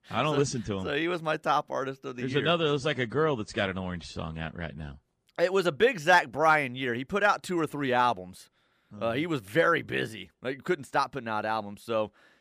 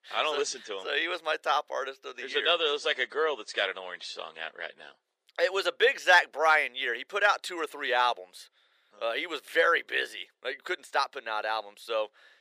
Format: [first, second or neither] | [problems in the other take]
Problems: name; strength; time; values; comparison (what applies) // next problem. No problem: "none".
first | thin; very; fading below 450 Hz